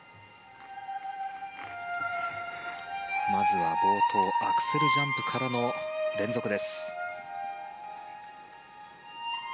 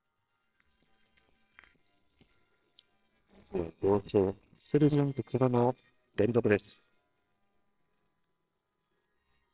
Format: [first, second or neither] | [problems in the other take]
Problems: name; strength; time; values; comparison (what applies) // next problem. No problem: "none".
first | noise reduction (neural separator model SepFormer WHAMR!)